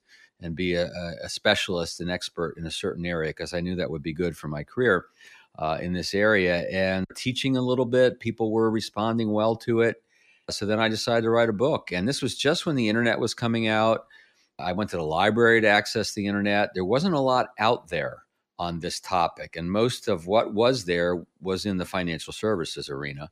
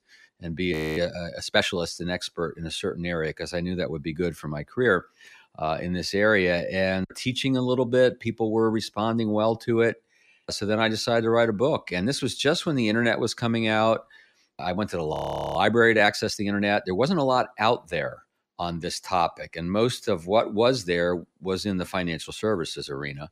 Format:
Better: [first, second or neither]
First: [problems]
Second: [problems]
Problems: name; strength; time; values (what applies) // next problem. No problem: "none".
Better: first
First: none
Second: audio freezing; at 0.5 s and at 15 s